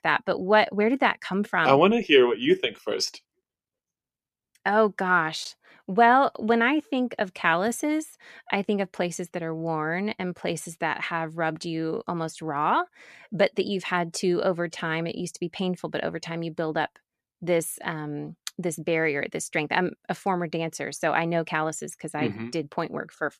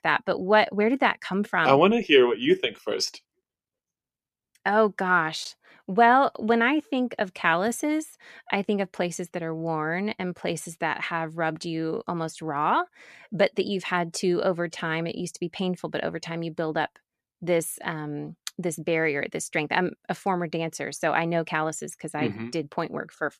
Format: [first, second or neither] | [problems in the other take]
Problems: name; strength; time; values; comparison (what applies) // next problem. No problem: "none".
neither | none